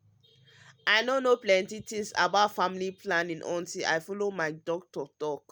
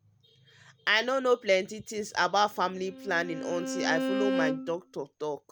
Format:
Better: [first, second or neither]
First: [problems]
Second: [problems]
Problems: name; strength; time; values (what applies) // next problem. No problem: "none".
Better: first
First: none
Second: background sound (Bowed string instrument); 4 dB below the speech